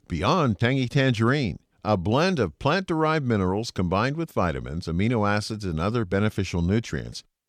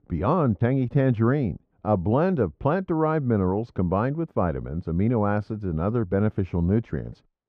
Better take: first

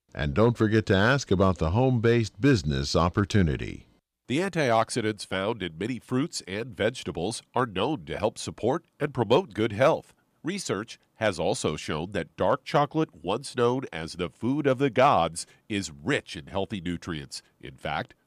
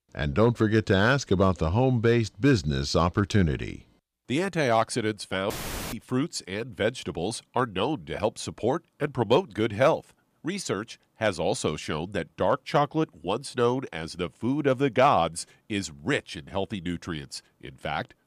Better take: first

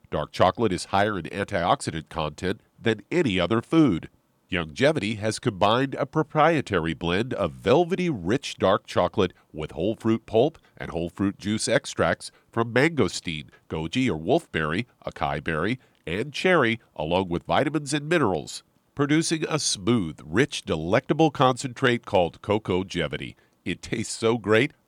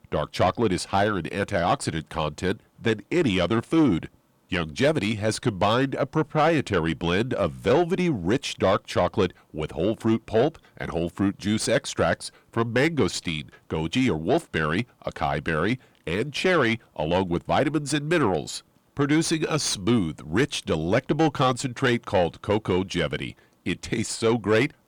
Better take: first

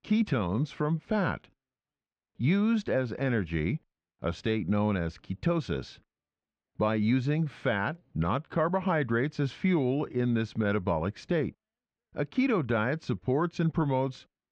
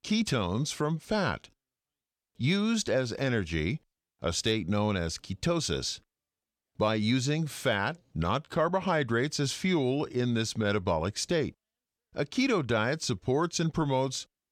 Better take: second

